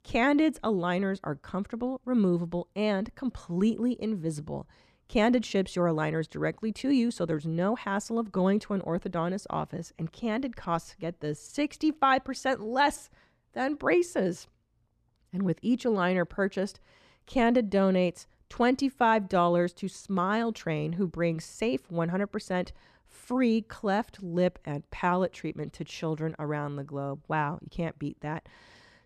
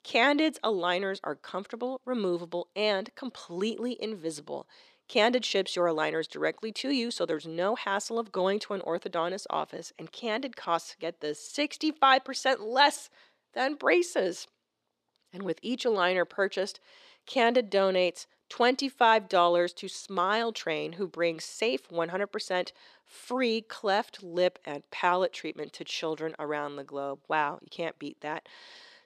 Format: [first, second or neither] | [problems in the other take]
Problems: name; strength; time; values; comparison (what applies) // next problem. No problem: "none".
first | thin; somewhat; fading below 450 Hz